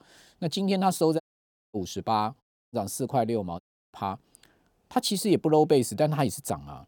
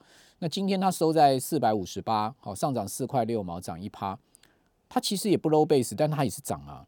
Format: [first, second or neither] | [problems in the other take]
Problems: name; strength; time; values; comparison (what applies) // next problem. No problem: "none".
second | audio cutting out; at 1 s for 0.5 s, at 2.5 s and at 3.5 s